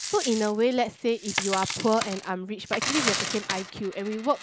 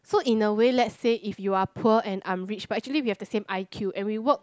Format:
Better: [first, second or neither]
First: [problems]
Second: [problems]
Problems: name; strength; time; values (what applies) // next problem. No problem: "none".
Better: second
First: background sound (Coin (dropping)); 5 dB below the speech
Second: none